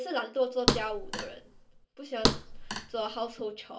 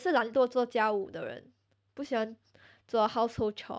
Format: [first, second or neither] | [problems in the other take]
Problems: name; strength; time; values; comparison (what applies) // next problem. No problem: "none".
second | background sound (Thump, thud); 2 dB above the speech // room echo; dies away in 0.2 s